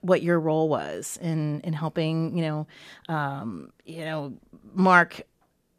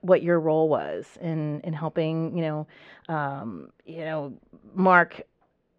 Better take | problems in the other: first | muffled; very; fading above 2.5 kHz

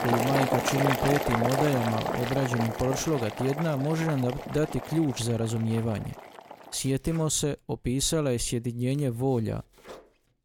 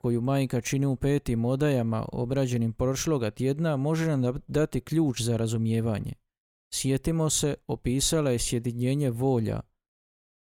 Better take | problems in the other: second | household noises; loud; throughout; 3 dB below the speech

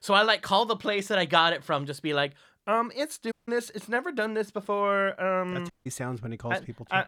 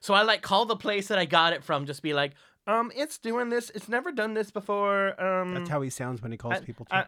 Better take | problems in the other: second | audio cutting out; at 3.5 s and at 5.5 s

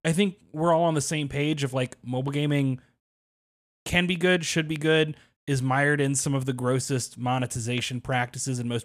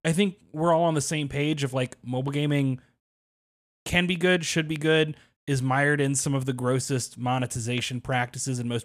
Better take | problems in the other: neither | none

